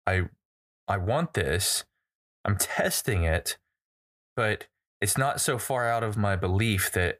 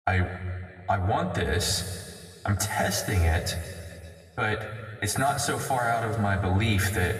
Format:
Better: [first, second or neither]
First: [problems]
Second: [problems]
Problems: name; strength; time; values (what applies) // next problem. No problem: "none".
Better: first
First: none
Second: room echo; slight; dies away in 2.2 s // off-mic speech; far